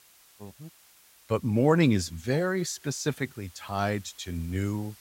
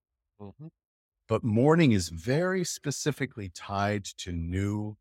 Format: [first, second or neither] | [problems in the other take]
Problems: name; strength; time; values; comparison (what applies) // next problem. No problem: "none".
second | hiss; faint; throughout; 25 dB below the speech